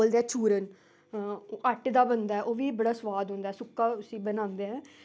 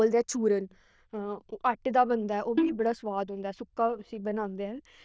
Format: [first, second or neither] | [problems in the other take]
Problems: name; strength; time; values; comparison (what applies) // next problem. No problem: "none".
first | noise reduction (neural diffusion model UNIVERSE++)